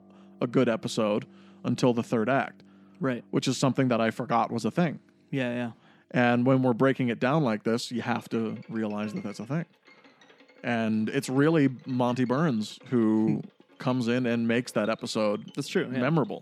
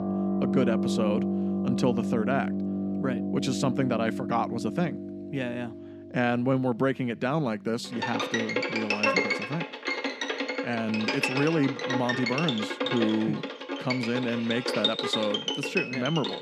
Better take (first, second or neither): first